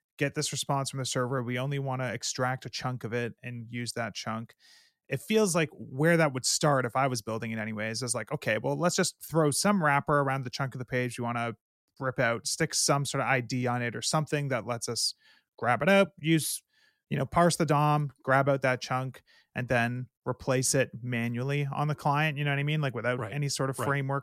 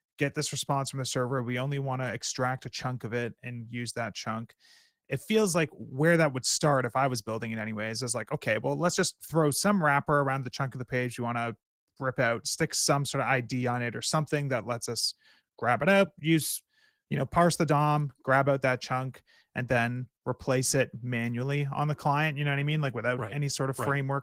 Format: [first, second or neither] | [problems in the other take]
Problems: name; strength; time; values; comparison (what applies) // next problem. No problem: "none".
first | garbled, watery; slightly; nothing above 16 kHz